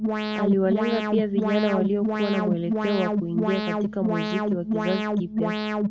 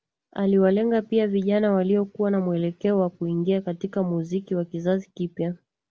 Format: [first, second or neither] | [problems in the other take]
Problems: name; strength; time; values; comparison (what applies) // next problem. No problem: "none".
second | background sound (Alarm); 1 dB above the speech